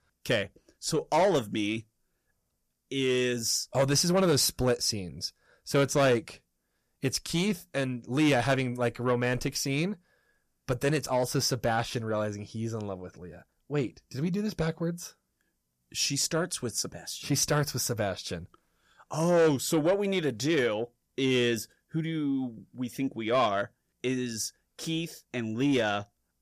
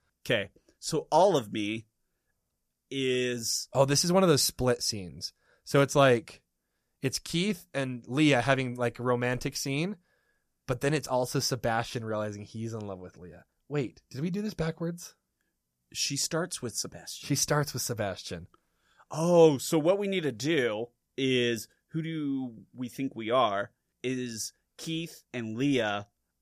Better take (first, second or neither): second